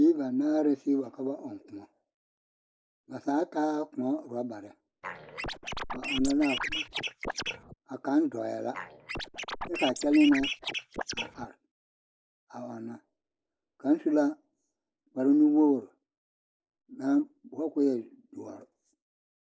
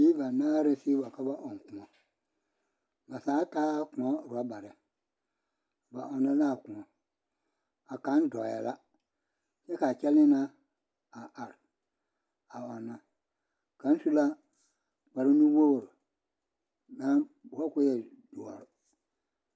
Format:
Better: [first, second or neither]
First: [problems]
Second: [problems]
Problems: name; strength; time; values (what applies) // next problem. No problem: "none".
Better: second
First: noise reduction (neural mask model Resemble Enhance denoiser)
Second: none